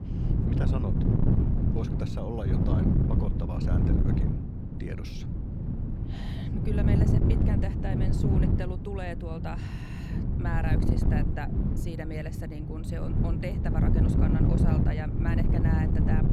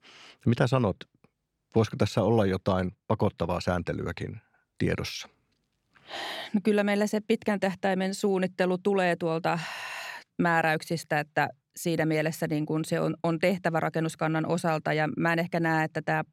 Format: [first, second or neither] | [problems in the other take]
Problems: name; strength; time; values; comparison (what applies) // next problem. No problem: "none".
second | wind noise on the microphone; heavy; 3 dB above the speech